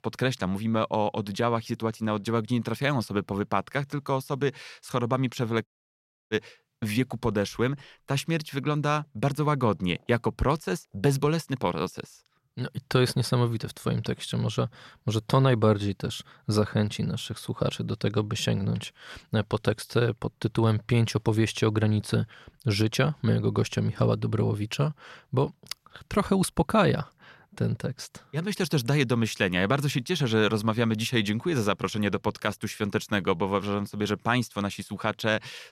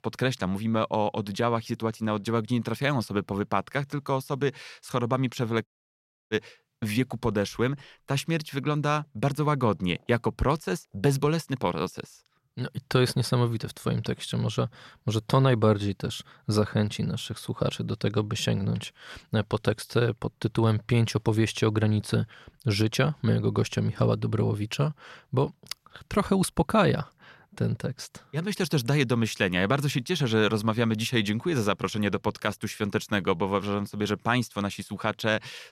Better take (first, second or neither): neither